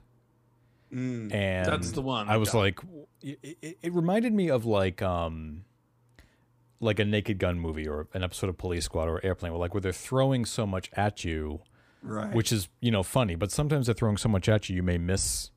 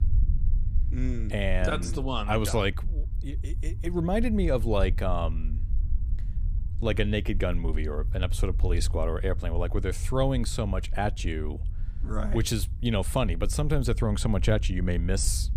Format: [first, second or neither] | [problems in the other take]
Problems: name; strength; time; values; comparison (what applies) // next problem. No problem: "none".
first | low rumble; faint; throughout; 20 dB below the speech